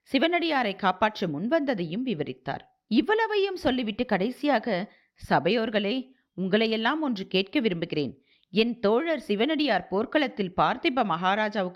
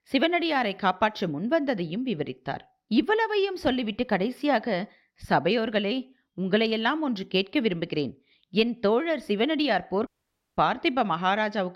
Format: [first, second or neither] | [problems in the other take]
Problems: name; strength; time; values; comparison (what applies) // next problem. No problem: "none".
first | audio cutting out; at 10 s for 0.5 s